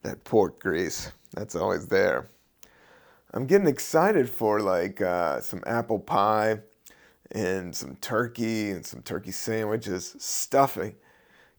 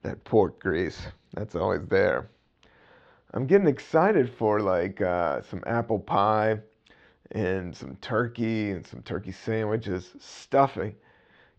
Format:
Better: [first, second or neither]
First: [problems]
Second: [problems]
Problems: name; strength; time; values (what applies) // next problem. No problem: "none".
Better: first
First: none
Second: muffled; slightly; fading above 4 kHz